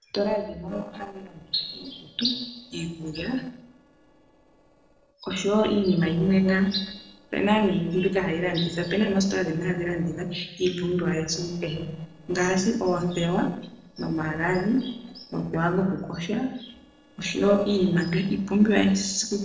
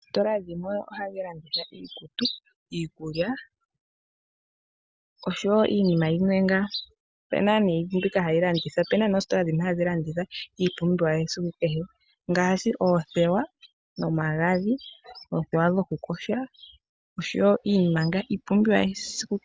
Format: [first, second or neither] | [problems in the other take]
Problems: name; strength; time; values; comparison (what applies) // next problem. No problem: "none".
second | noise reduction (neural separator model SepFormer DNS4)